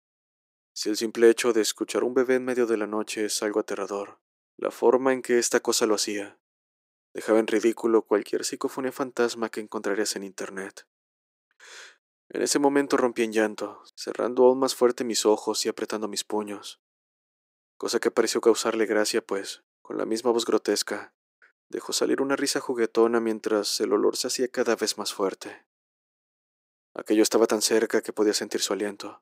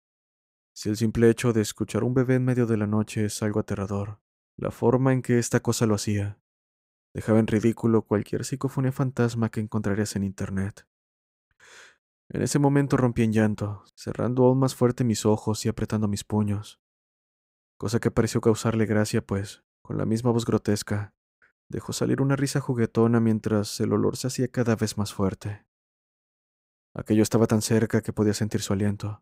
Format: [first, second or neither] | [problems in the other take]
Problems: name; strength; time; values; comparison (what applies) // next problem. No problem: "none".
second | thin; somewhat; fading below 350 Hz